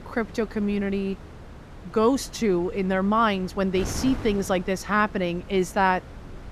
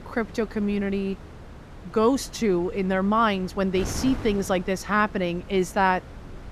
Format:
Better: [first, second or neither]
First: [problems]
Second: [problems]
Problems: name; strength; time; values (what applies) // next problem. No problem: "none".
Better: neither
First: wind noise on the microphone; occasional gusts; 20 dB below the speech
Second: wind noise on the microphone; occasional gusts; 20 dB below the speech